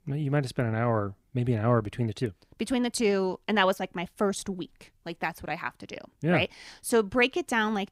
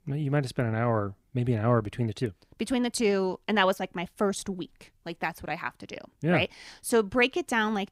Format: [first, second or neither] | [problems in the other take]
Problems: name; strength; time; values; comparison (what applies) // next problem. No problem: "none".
neither | none